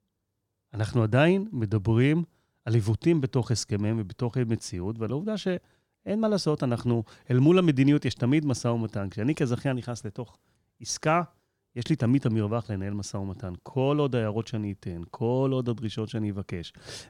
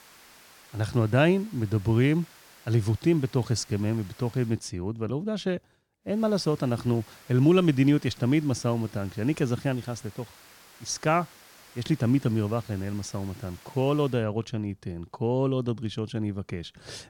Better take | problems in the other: first | hiss; faint; until 4.5 s and from 6 to 14 s; 25 dB below the speech

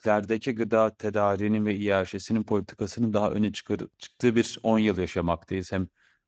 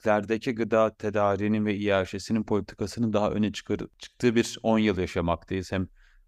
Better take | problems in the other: second | garbled, watery; slightly; nothing above 7.5 kHz

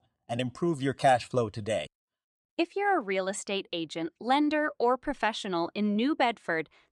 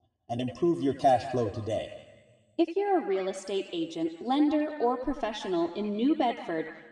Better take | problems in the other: first | room echo; slight; dies away in 1.2 s // off-mic speech; somewhat distant

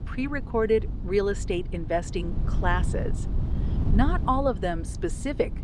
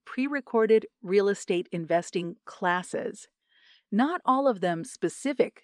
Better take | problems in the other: second | wind noise on the microphone; occasional gusts; 15 dB below the speech

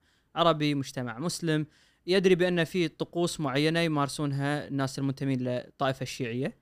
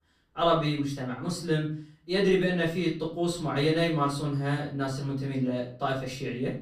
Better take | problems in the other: first | room echo; slight; dies away in 0.4 s // off-mic speech; far

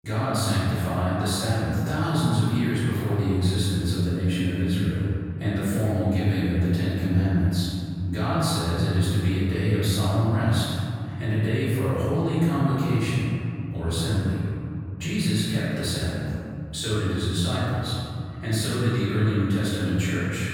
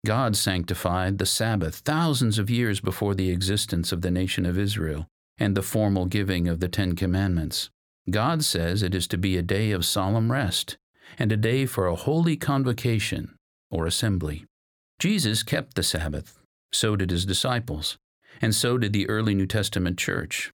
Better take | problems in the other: second | room echo; strong; dies away in 2.8 s // off-mic speech; far

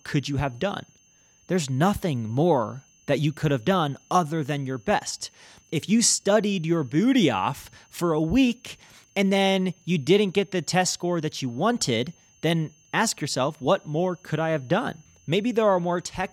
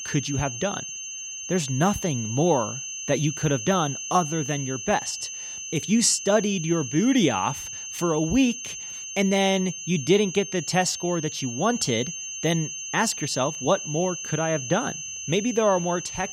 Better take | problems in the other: first | high-pitched whine; loud; throughout; 6.5 kHz, 7 dB below the speech; faint in the first

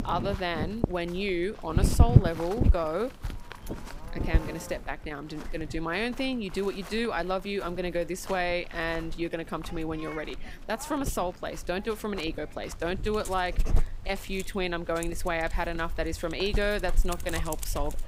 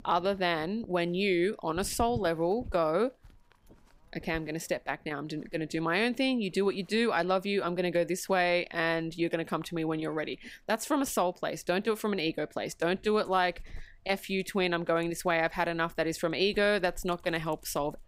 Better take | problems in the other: second | animal sounds; loud; throughout; 1 dB below the speech; faint in the second

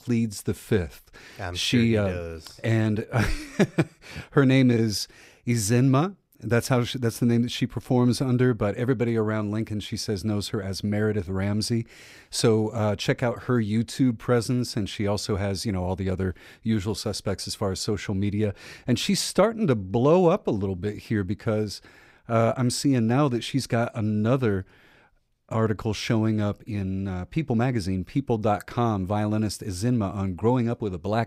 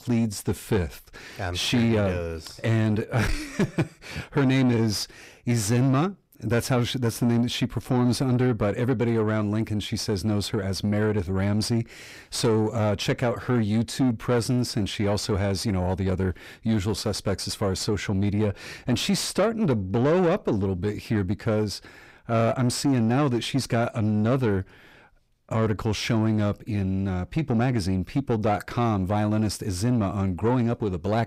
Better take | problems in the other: first | distortion; slight; 10 dB below the speech

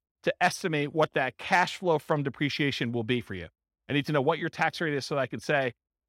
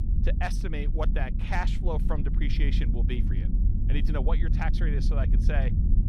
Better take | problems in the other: first | low rumble; loud; throughout; 7 dB below the speech

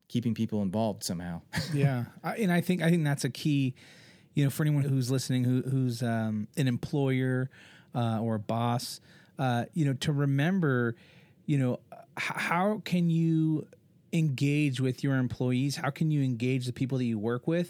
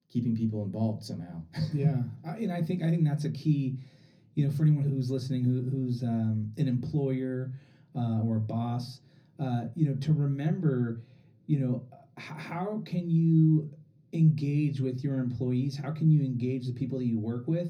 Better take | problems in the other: first | room echo; very slight; dies away in 0.4 s // off-mic speech; somewhat distant

